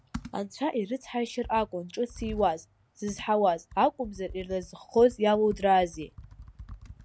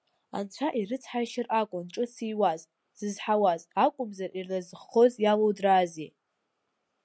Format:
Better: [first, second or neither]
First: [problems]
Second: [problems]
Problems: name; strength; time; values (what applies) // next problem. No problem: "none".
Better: second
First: background sound (Computer keyboard); 18 dB below the speech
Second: none